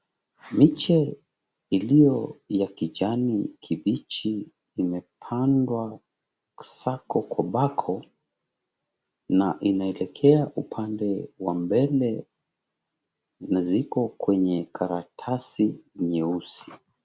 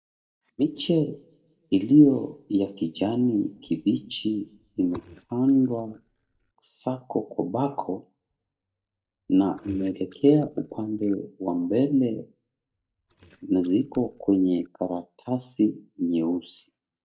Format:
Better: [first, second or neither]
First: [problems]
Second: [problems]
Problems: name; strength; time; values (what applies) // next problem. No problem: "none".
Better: first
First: none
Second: noise reduction (neural mask model DeepFilterNet 3)